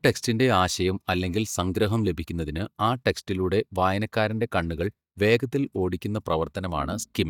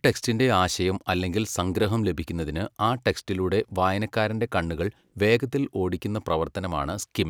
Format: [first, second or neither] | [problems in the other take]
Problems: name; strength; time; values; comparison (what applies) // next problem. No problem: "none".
second | noise reduction (neural mask model DeepFilterNet 3)